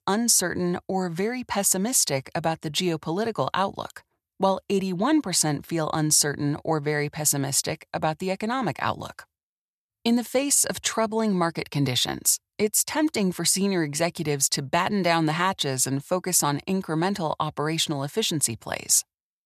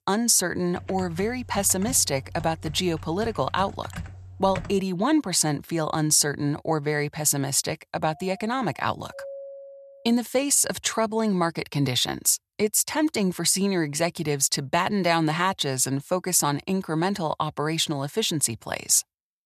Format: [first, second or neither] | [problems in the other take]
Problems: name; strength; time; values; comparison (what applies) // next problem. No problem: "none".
first | keyboard typing; faint; from 1 to 5 s; peak 15 dB below the speech // doorbell; faint; from 8 to 10 s; peak 15 dB below the speech